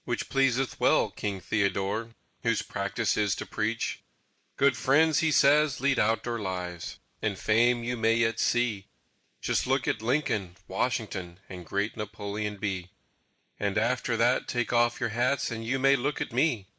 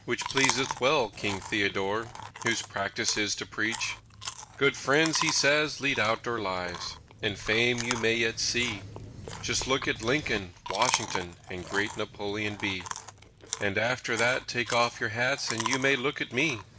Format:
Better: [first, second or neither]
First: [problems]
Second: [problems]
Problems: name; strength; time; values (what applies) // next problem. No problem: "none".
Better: first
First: none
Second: background sound (Chewing, mastication); 9 dB below the speech